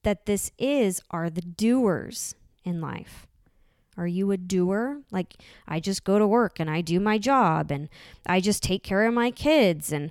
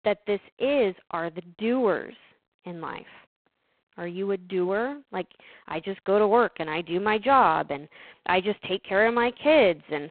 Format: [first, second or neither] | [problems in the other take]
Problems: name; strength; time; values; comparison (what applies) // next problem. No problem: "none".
first | phone-call audio; poor line; nothing above 3.5 kHz